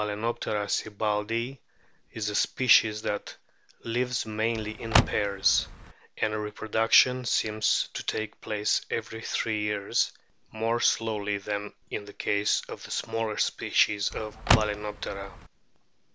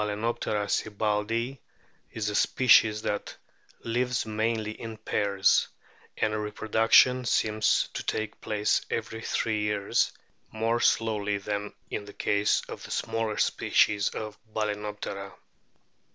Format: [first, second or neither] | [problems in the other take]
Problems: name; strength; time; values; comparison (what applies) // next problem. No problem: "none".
second | background sound (Car); 1 dB above the speech